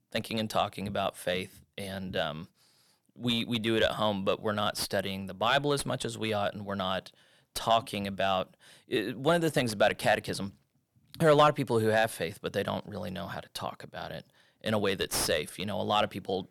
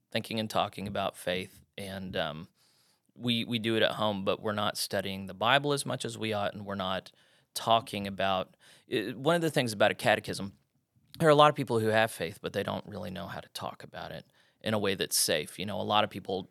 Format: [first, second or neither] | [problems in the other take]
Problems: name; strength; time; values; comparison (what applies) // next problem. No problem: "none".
second | distortion; slight; 10 dB below the speech